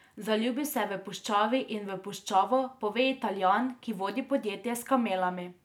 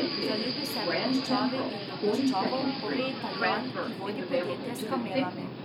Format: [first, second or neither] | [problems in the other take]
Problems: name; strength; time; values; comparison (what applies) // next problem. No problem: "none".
first | background sound (Subway, metro, underground); 5 dB above the speech